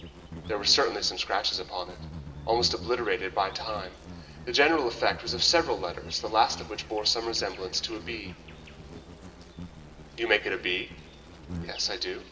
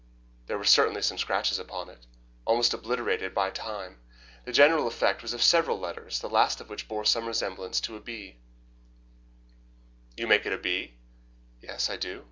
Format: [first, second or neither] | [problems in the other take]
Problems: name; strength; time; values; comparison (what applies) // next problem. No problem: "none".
second | background sound (Insect); 14 dB below the speech // room echo; dies away in 1.4 s